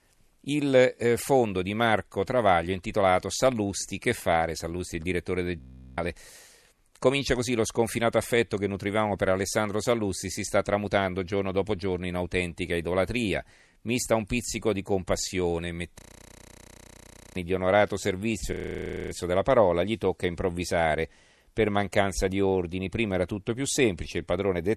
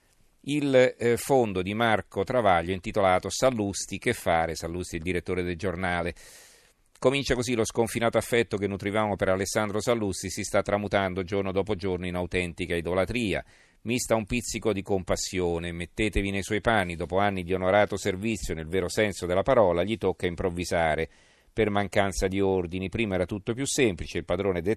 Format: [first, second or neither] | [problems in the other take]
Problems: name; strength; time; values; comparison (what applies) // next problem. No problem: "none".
second | audio freezing; at 5.5 s, at 16 s for 1.5 s and at 19 s for 0.5 s